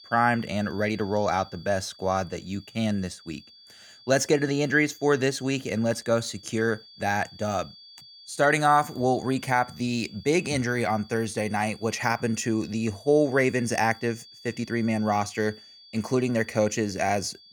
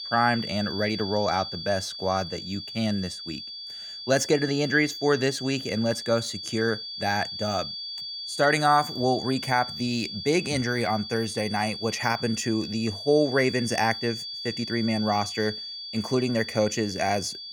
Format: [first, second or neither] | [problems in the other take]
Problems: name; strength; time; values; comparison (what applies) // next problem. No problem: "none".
first | high-pitched whine; loud; throughout; 4.5 kHz, 8 dB below the speech; faint in the first